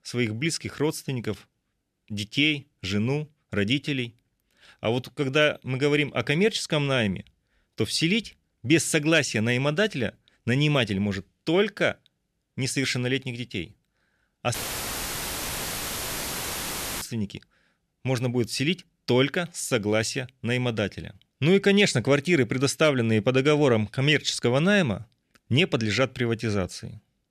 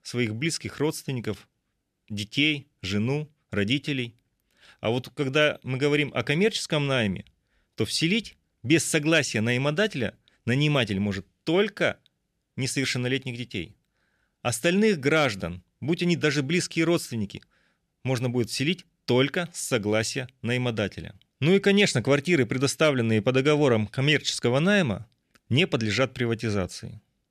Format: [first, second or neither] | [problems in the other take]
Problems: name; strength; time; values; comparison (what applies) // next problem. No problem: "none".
second | audio cutting out; filled with static; at 15 s for 2.5 s